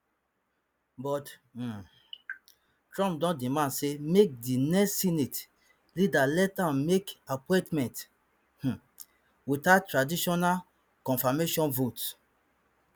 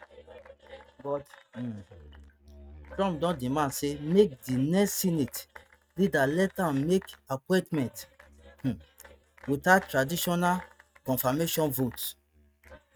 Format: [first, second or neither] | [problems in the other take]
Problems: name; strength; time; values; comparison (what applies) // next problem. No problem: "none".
first | noise reduction (neural mask model RNNoise)